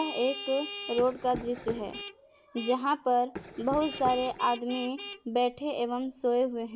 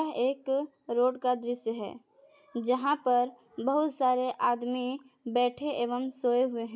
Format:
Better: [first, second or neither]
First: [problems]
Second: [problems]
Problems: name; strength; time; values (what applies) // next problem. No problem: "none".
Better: second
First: background sound (Run + Vehicle horn, car horn, honking); 12 dB below the speech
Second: none